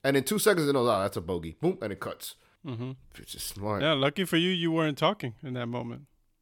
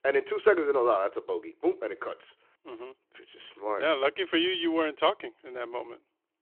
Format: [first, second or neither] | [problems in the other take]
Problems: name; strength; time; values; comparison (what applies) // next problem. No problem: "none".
first | phone-call audio; nothing above 3 kHz